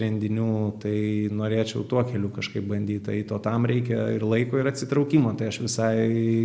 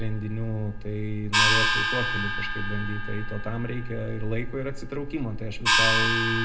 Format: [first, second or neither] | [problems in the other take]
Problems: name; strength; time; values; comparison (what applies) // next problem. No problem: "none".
first | background sound (Gong); 4 dB above the speech // room echo; dies away in 0.2 s